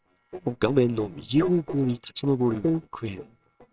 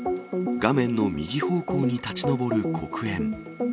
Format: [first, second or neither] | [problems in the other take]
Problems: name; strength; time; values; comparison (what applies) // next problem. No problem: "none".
second | noise reduction (neural separator model SepFormer WHAMR!)